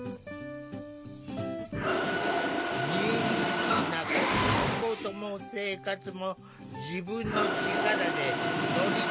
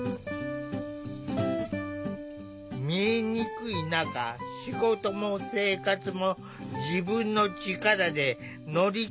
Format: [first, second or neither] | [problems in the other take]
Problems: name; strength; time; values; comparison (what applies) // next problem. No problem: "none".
second | background sound (Mechanisms); 4 dB above the speech